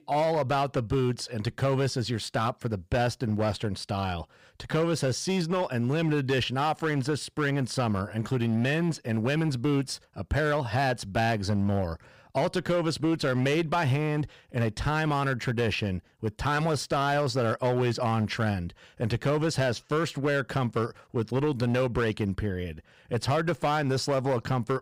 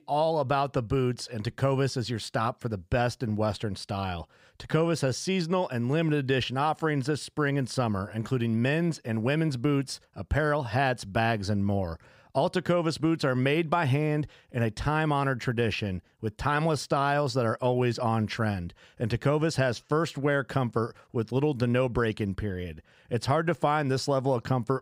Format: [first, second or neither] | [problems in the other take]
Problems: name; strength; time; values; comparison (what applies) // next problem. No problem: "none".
second | distortion; slight; 10% of the sound clipped